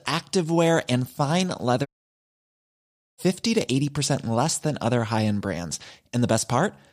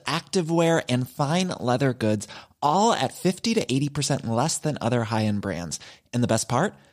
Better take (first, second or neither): second